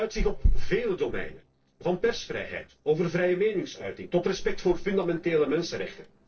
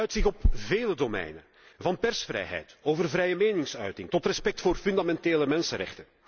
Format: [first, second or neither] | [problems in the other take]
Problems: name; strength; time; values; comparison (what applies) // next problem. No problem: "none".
second | noise reduction (neural separator model SepFormer DNS4)